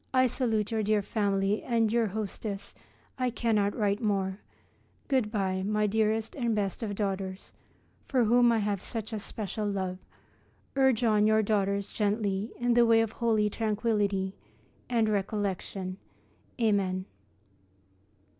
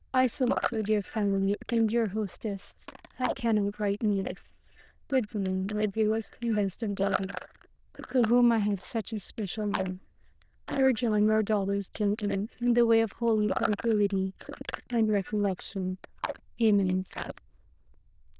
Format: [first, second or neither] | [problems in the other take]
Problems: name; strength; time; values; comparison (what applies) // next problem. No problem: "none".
first | noise reduction (neural diffusion model UNIVERSE++)